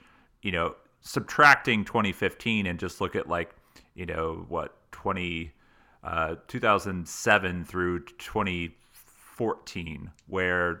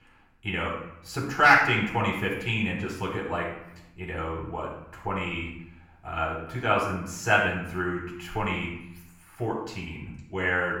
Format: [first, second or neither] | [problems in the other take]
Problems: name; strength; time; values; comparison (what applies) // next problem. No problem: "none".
first | off-mic speech; far // room echo; noticeable; dies away in 0.7 s